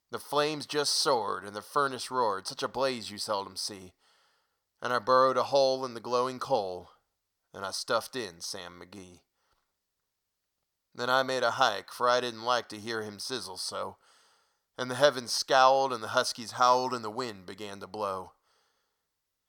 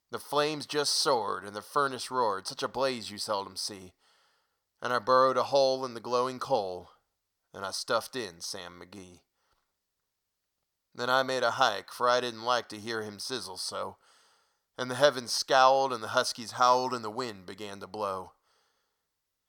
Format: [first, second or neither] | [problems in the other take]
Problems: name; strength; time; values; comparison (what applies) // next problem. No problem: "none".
neither | thin; very slightly; fading below 850 Hz; the same in both